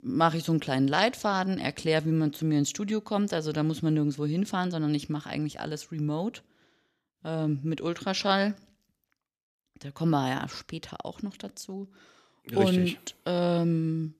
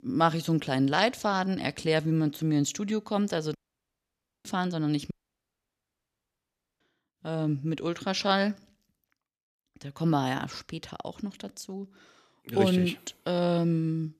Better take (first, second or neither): first